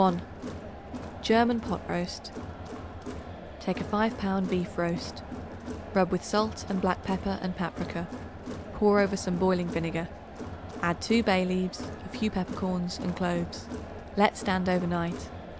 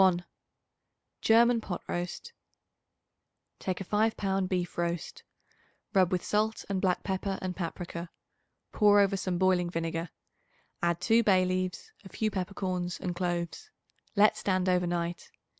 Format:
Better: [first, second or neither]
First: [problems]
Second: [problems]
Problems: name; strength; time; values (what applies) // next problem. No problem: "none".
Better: second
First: background sound (Crowd); 10 dB below the speech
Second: none